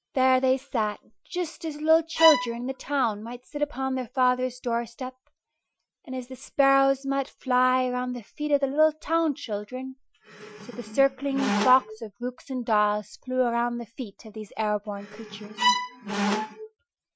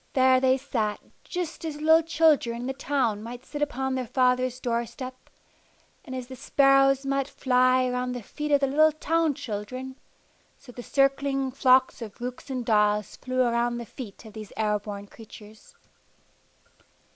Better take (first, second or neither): second